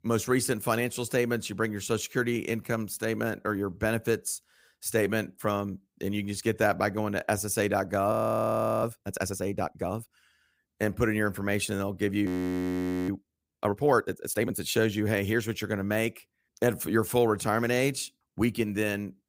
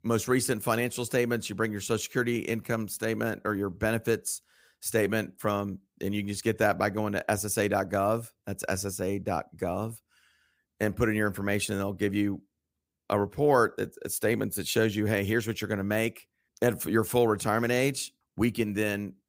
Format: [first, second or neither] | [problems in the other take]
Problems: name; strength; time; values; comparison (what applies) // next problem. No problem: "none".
second | audio freezing; at 8 s for 0.5 s and at 12 s for 1 s